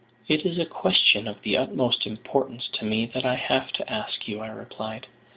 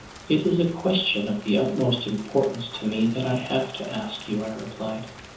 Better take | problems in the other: first | background sound (Rain); 18 dB below the speech // room echo; dies away in 0.6 s

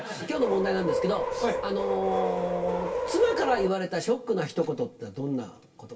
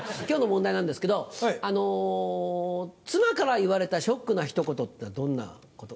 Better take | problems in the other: second | background sound (Subway, metro, underground); 2 dB below the speech // room echo; dies away in 0.2 s

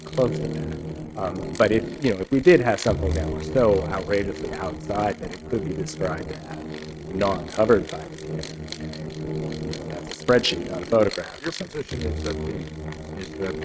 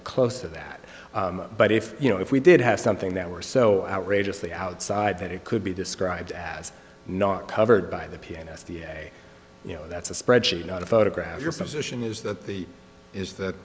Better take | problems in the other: second | noise reduction (neural mask model RNNoise)

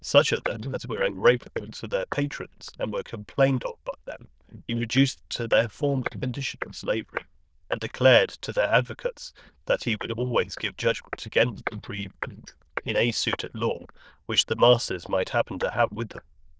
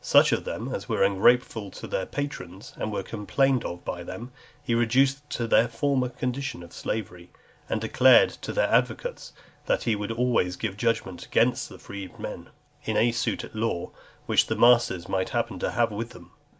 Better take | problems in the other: second | noise reduction (neural diffusion model UNIVERSE++)

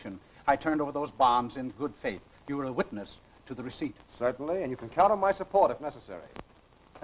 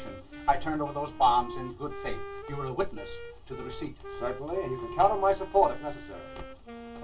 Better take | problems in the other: first | background sound (Wind instrument, woodwind instrument); 13 dB below the speech // room echo; dies away in 0.1 s

